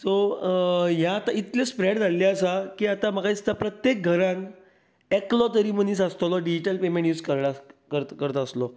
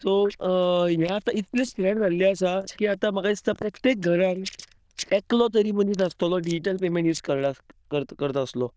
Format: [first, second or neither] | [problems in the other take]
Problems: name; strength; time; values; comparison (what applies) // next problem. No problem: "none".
first | noise reduction (neural diffusion model UNIVERSE++)